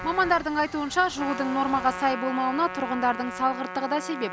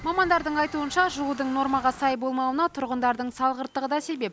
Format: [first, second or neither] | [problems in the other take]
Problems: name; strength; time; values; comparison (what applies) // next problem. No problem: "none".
second | background sound (Trumpet); 10 dB below the speech